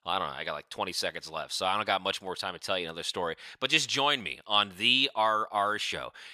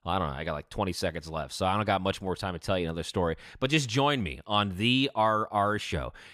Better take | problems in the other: second | thin; somewhat; fading below 900 Hz

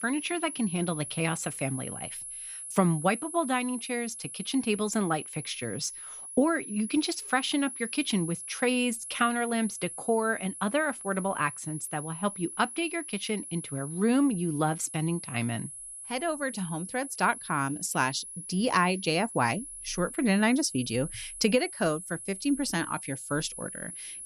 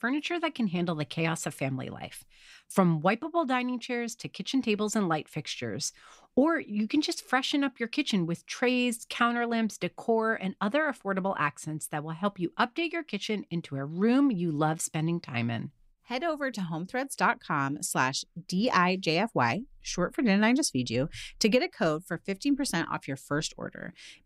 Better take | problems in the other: second | high-pitched whine; loud; throughout; 10.5 kHz, 9 dB below the speech

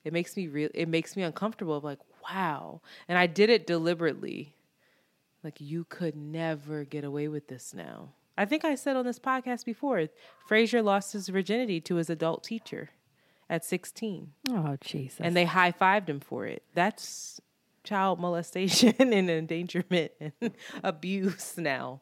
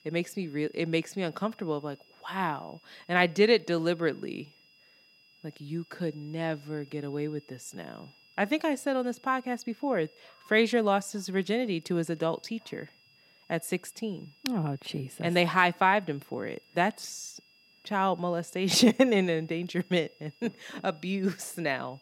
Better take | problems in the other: first | high-pitched whine; faint; throughout; 2.5 kHz, 30 dB below the speech

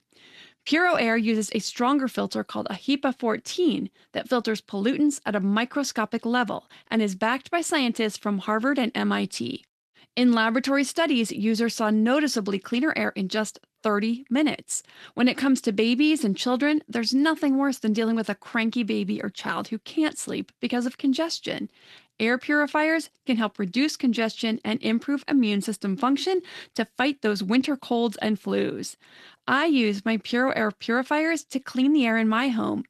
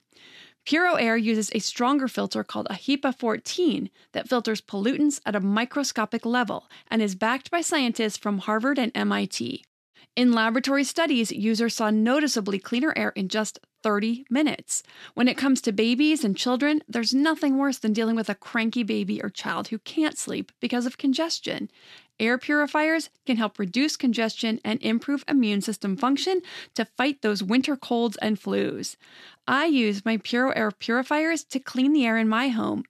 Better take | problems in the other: second | garbled, watery; slightly; nothing above 13.5 kHz

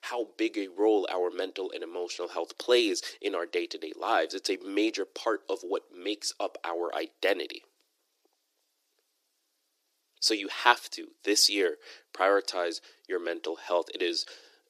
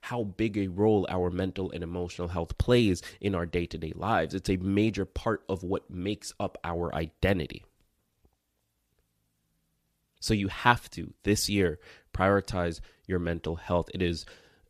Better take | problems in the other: second | thin; very; fading below 300 Hz

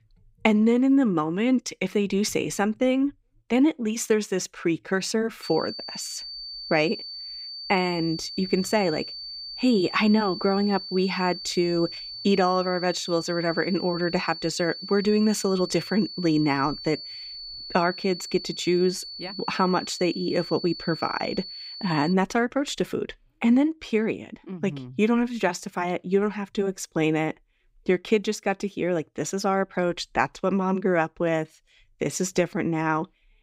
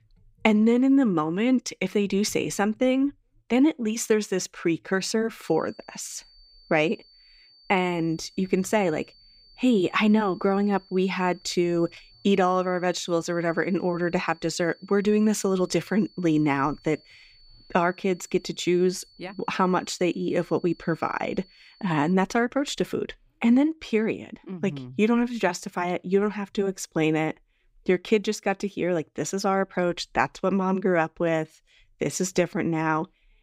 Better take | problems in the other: second | high-pitched whine; loud; from 5.5 to 22 s; 4.5 kHz, 10 dB below the speech; faint in the second

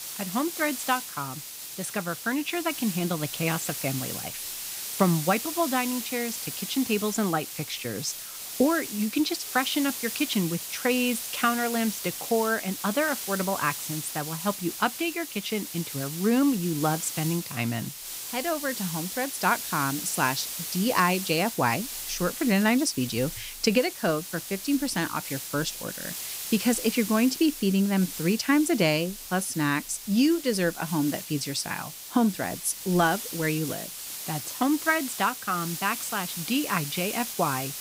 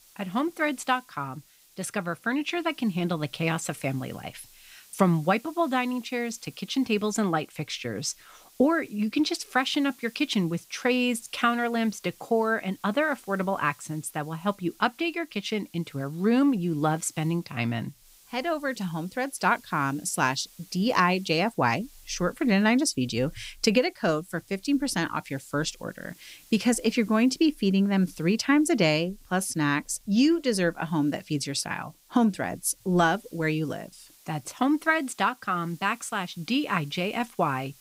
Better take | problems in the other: second | hiss; loud; throughout; 7 dB below the speech; faint in the second

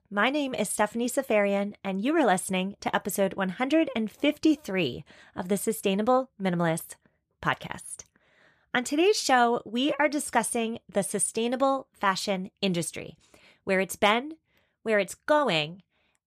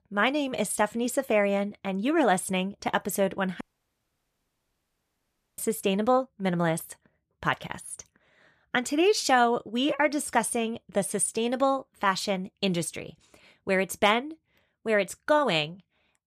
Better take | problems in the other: first | audio cutting out; at 3.5 s for 2 s

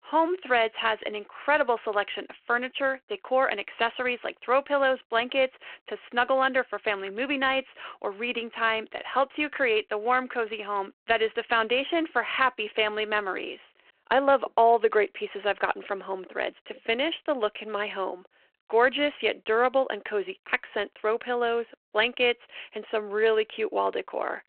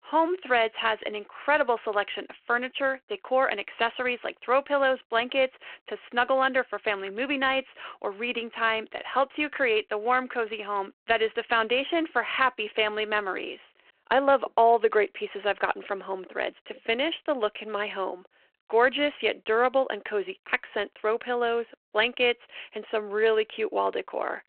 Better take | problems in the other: neither | phone-call audio; the same in both

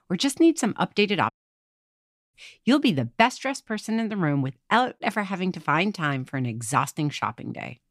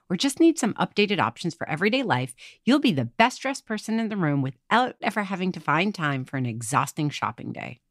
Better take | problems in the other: second | audio cutting out; at 1.5 s for 1 s

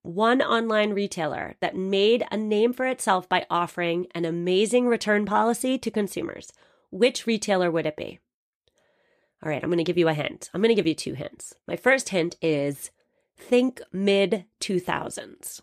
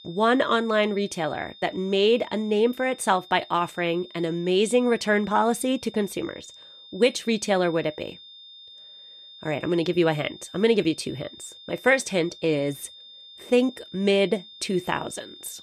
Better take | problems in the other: first | high-pitched whine; noticeable; throughout; 3.5 kHz, 20 dB below the speech

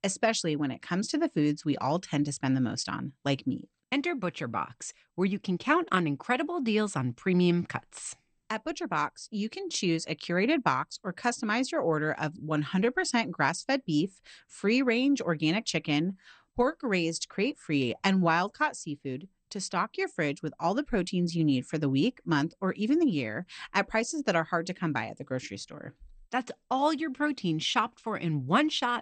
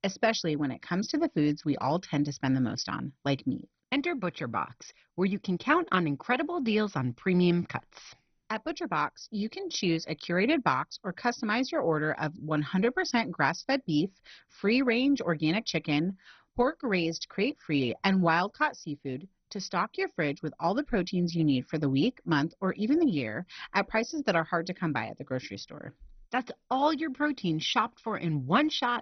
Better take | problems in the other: first | garbled, watery; badly; nothing above 6 kHz; slightly in the first

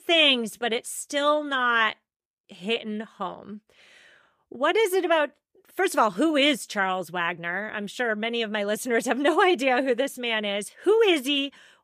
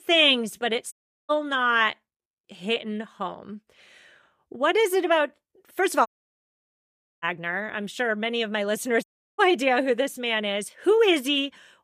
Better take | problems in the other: first | audio cutting out; at 1 s, at 6 s for 1 s and at 9 s

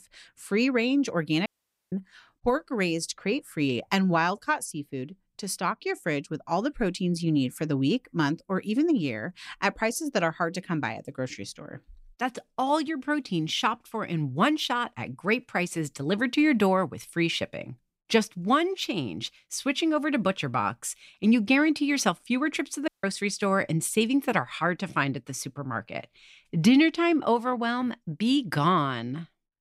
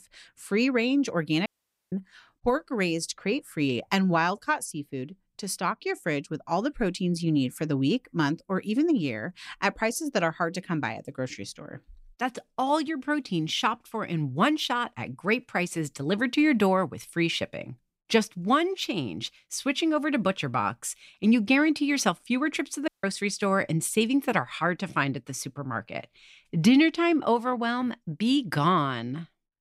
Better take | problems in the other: neither | audio cutting out; at 1.5 s and at 23 s; the same in both

